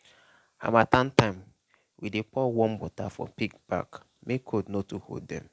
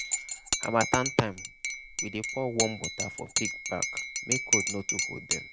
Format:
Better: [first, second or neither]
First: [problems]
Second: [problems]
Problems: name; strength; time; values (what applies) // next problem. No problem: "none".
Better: first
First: none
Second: background sound (Cutlery, silverware / Dishes, pots, and pans / Chink, clink); 1 dB above the speech